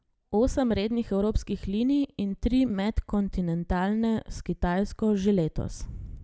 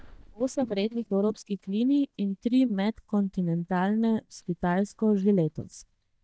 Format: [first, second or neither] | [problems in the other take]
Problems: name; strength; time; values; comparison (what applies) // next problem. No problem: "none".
first | noise reduction (neural mask model DeepFilterNet 3)